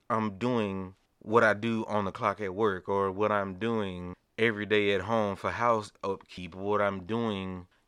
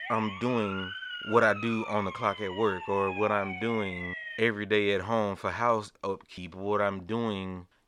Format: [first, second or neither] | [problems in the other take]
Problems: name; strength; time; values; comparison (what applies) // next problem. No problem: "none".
first | siren; noticeable; until 4.5 s; peak 7 dB below the speech